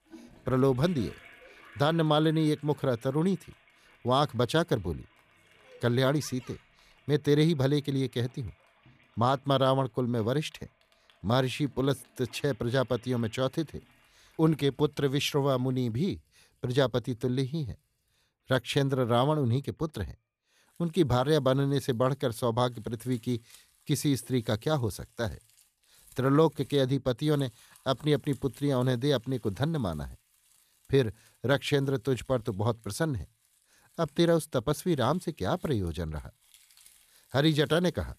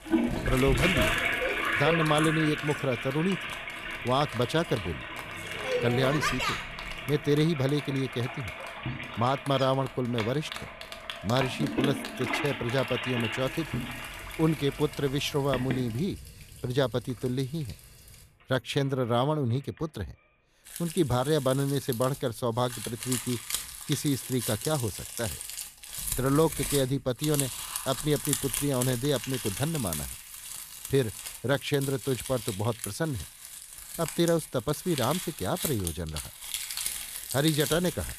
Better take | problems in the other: first | household noises; loud; throughout; 4 dB below the speech; faint in the first

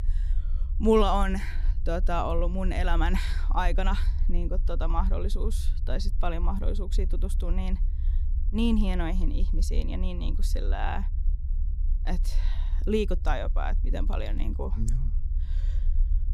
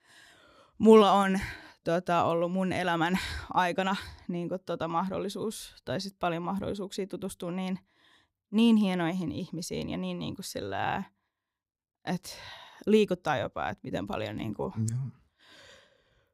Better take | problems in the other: second | low rumble; faint; throughout; 20 dB below the speech

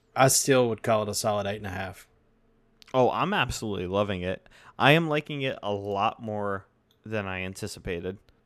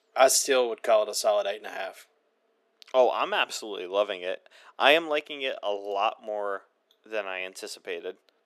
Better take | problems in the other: first | thin; very; fading below 350 Hz

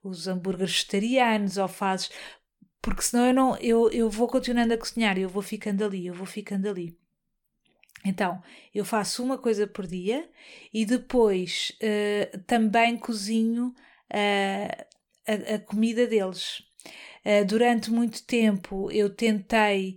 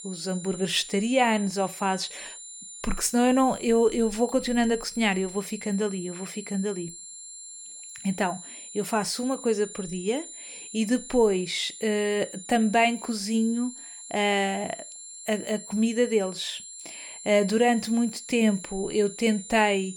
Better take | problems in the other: first | high-pitched whine; noticeable; throughout; 7.5 kHz, 15 dB below the speech

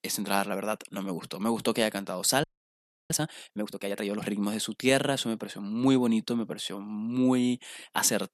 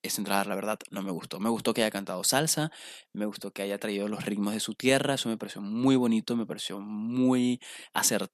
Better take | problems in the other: second | audio freezing; at 2.5 s for 0.5 s

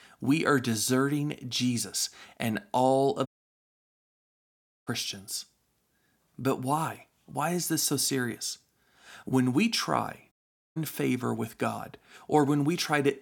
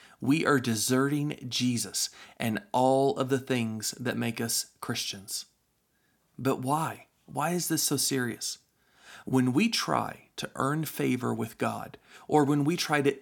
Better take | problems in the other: second | audio cutting out; at 3.5 s for 1.5 s and at 10 s

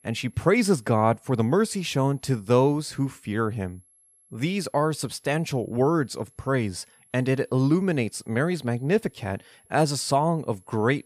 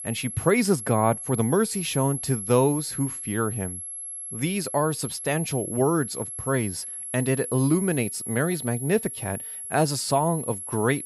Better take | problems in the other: first | high-pitched whine; loud; throughout; 11 kHz, 7 dB below the speech; faint in the first

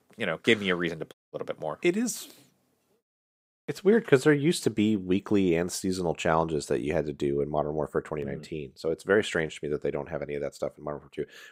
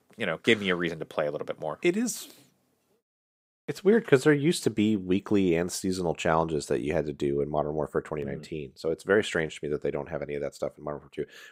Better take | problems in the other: second | audio cutting out; at 1 s

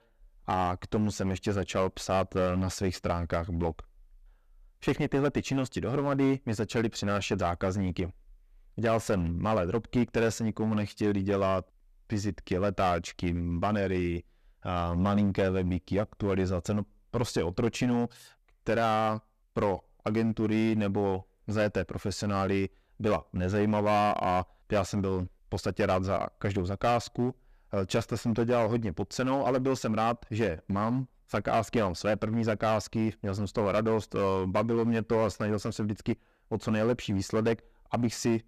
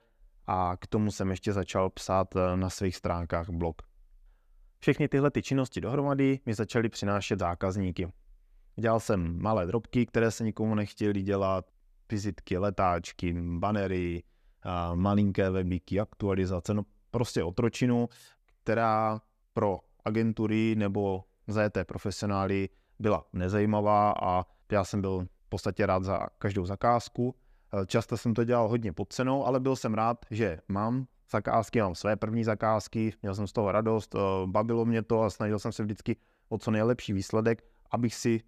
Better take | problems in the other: second | distortion; slight; 7% of the sound clipped

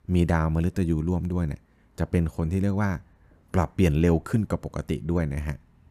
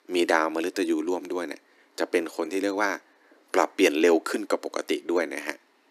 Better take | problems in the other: first | thin; very; fading below 300 Hz

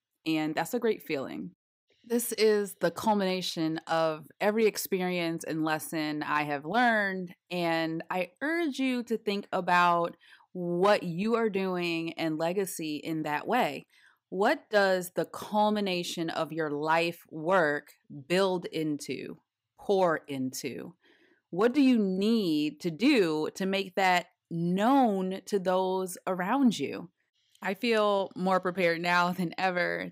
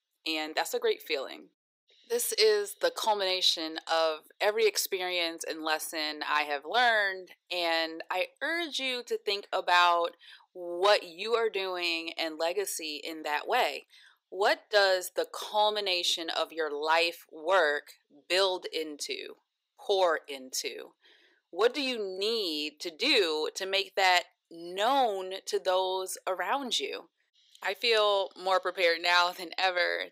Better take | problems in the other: first | thin; very; fading below 450 Hz

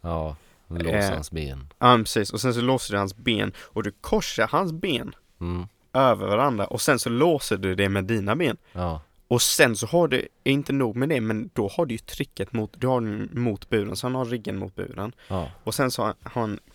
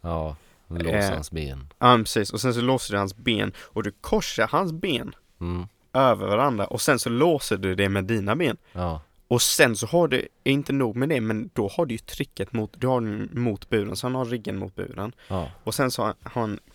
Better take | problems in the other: neither | none

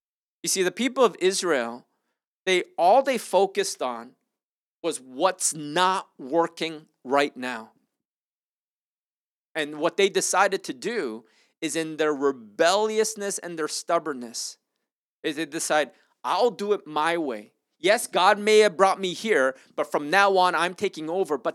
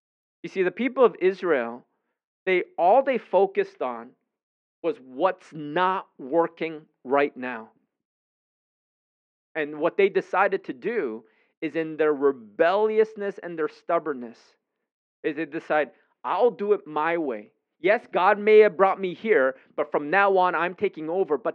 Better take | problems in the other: first | muffled; very; fading above 2.5 kHz

